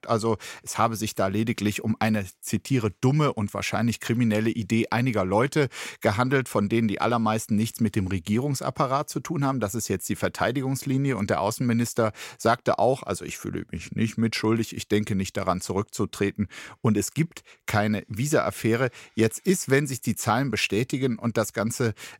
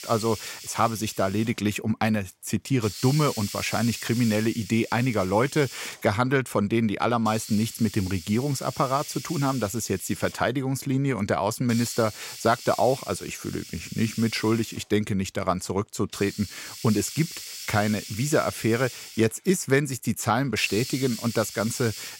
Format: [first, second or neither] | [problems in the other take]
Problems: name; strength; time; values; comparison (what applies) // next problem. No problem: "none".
first | hiss; noticeable; throughout; 10 dB below the speech